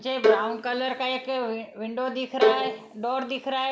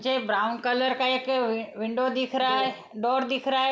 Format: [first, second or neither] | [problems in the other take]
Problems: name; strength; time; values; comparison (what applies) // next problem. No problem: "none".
second | background sound (Bowed string instrument); 2 dB above the speech